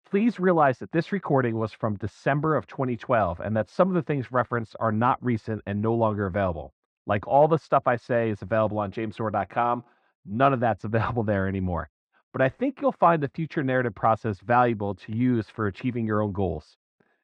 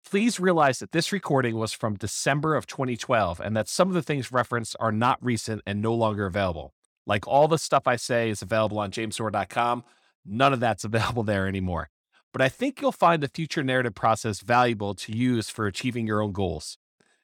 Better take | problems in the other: second | muffled; very; fading above 1.5 kHz

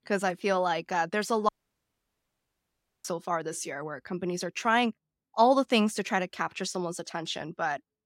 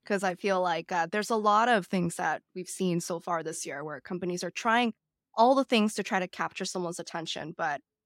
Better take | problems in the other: second | audio cutting out; at 1.5 s for 1.5 s

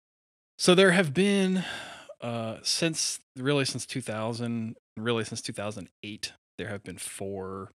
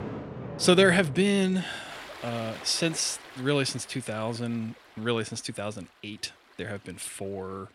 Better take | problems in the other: first | rain or running water; noticeable; throughout; 15 dB below the speech

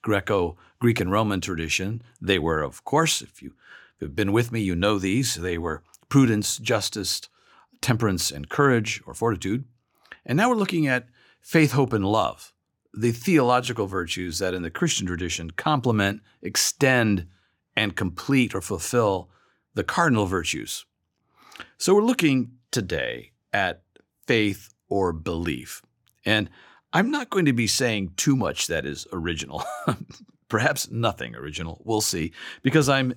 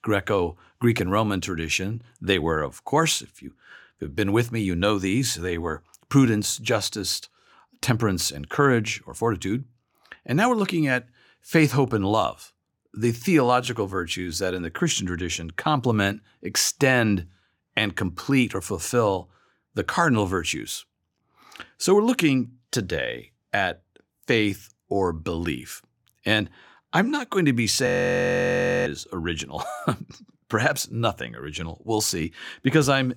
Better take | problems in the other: first | audio freezing; at 28 s for 1 s

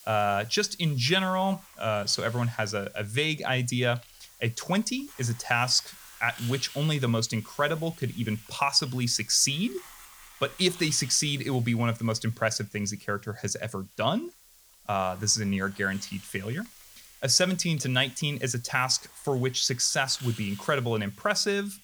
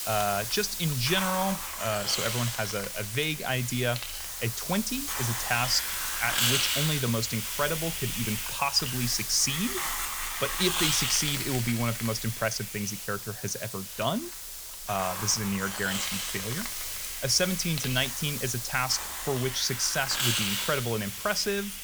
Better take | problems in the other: first | hiss; loud; throughout; 1 dB below the speech; faint in the first

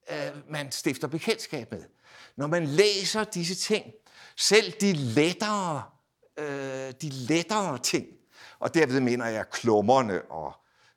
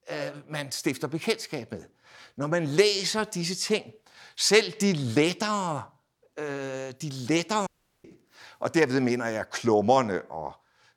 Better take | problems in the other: first | audio cutting out; at 7.5 s

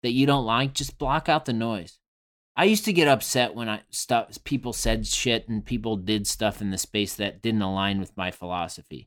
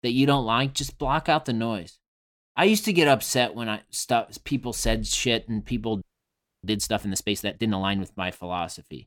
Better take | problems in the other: first | audio freezing; at 6 s for 0.5 s

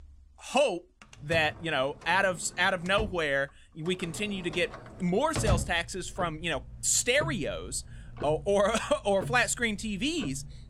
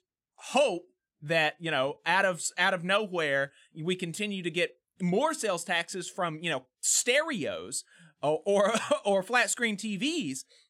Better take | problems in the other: second | household noises; noticeable; throughout; 10 dB below the speech

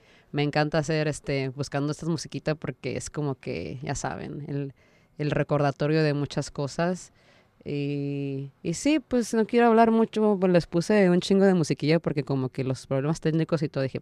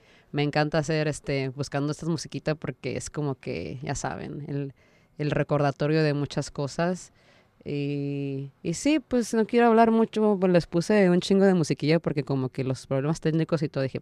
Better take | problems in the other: neither | none

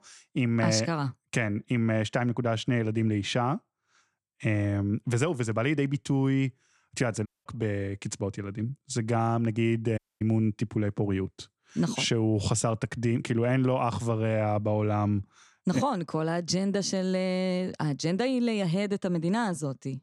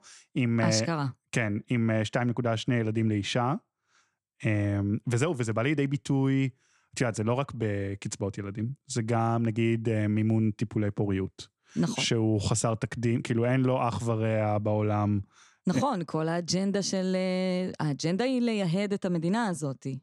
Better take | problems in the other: second | audio cutting out; at 7.5 s and at 10 s

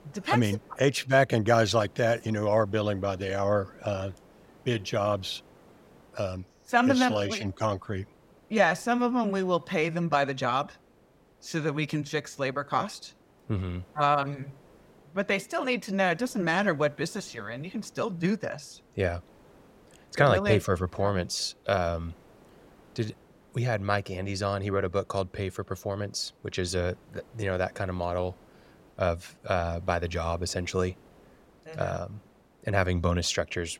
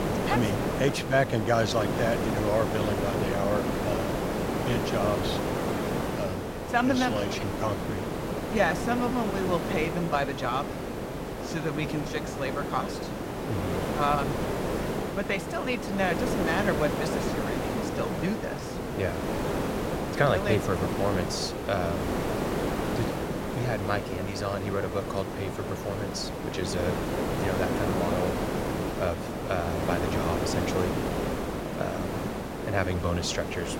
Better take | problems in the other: first | hiss; loud; throughout; as loud as the speech; faint in the first

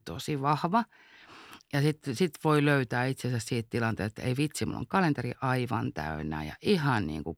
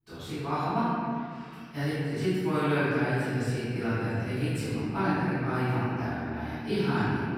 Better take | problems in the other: first | off-mic speech; far // room echo; strong; dies away in 2.1 s

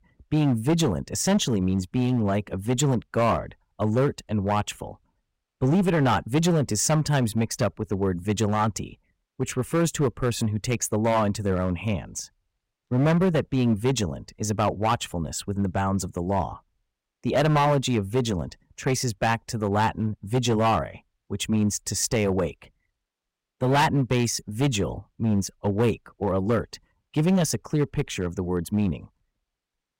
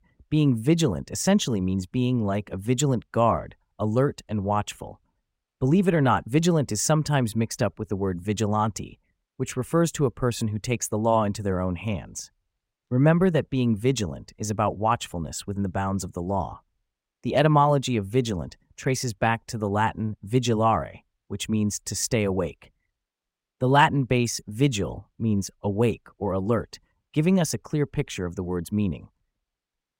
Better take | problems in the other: second | distortion; slight; 7% of the sound clipped

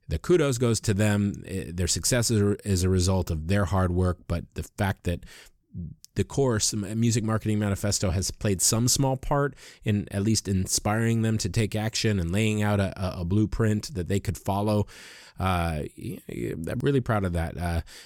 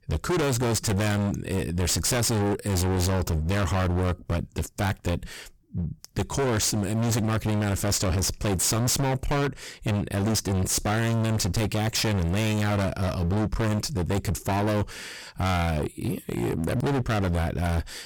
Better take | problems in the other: first | distortion; heavy; 40% of the sound clipped

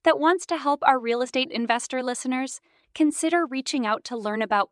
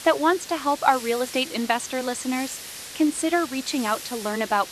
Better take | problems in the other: first | hiss; noticeable; throughout; 10 dB below the speech

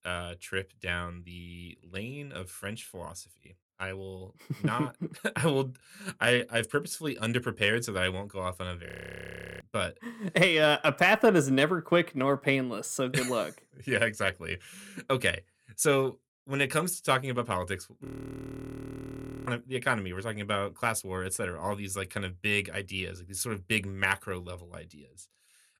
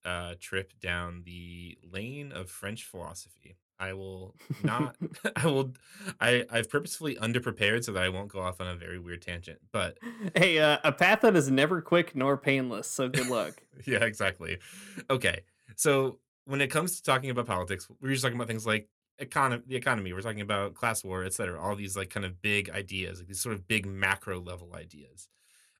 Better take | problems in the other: second | audio freezing; at 9 s for 0.5 s and at 18 s for 1.5 s

